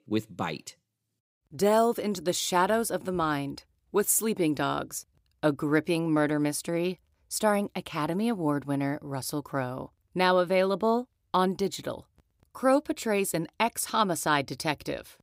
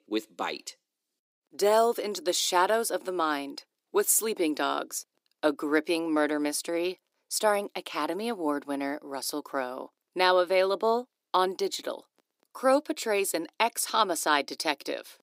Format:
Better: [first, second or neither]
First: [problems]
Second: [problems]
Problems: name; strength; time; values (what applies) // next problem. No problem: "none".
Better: first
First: none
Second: thin; very slightly; fading below 300 Hz